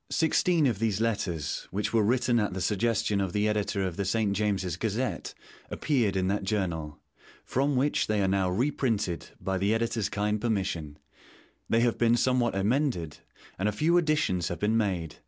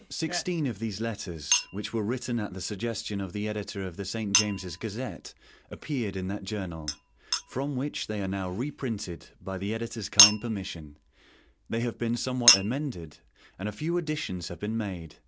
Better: first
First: none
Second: background sound (Chink, clink); 1 dB below the speech

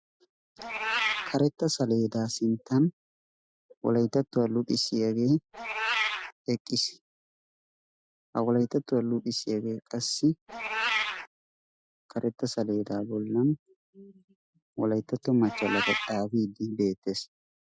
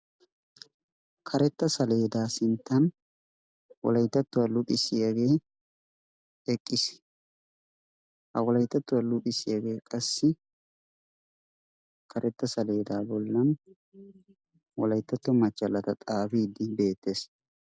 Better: second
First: noise reduction (classical method Wiener filter)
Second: none

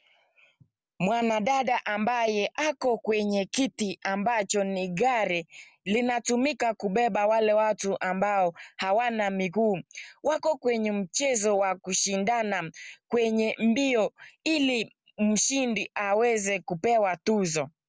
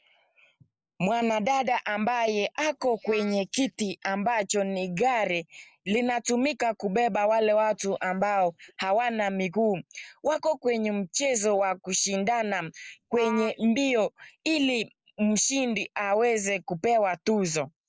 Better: first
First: none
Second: noise reduction (neural mask model Resemble Enhance denoiser)

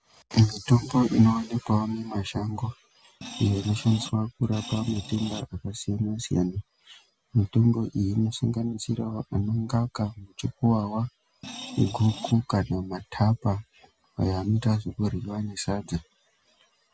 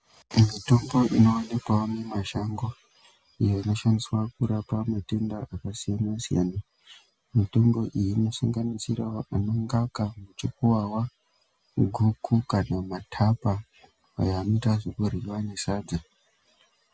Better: second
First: background sound (Screech); 13 dB below the speech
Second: none

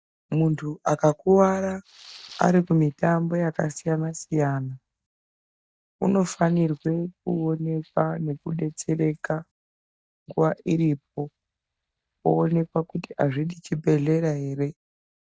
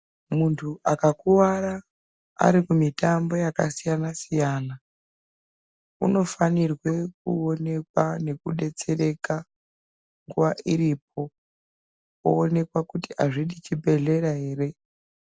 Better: second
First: noise reduction (neural mask model DeepFilterNet 3)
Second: none

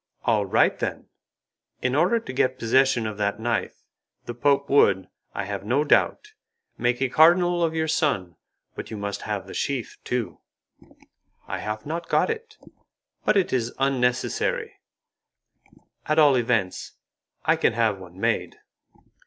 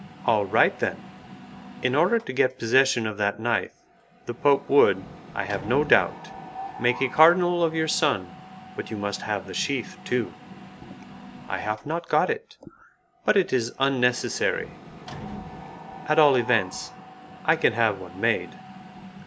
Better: first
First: none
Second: background sound (Mechanisms); 16 dB below the speech

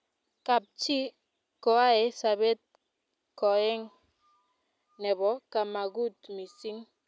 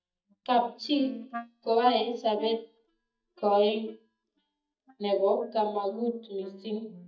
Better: first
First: none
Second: noise reduction (neural mask model DeepFilterNet 3)

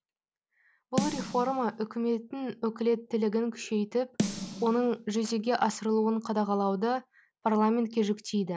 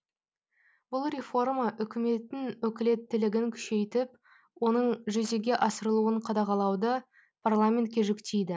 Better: second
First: background sound (Snare drum); 8 dB below the speech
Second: none

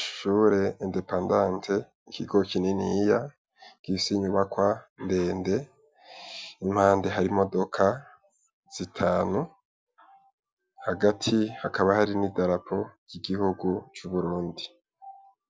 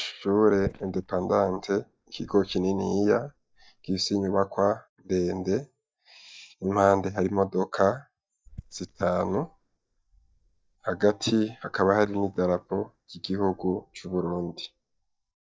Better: first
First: none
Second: noise reduction (neural mask model DeepFilterNet 3)

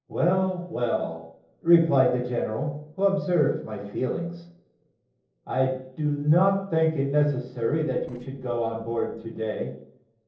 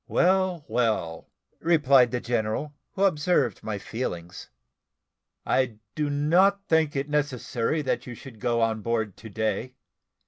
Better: second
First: noise reduction (neural separator model SepFormer DNS4)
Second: none

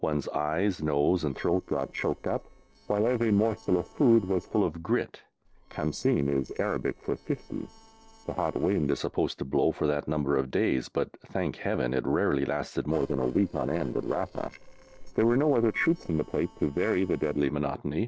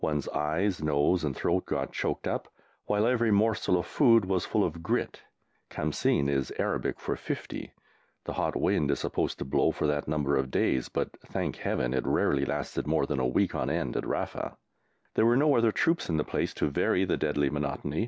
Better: second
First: noise reduction (neural separator model SepFormer DNS4)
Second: none

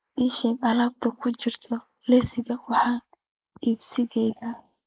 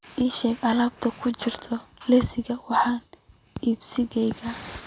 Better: second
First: noise reduction (neural mask model Resemble Enhance denoiser)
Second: none

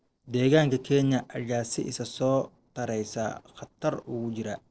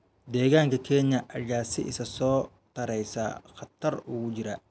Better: second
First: noise reduction (neural separator model SepFormer DNS4)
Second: none

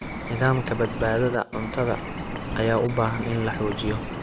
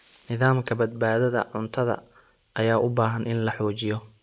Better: second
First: background sound (Bird); 6 dB below the speech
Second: none

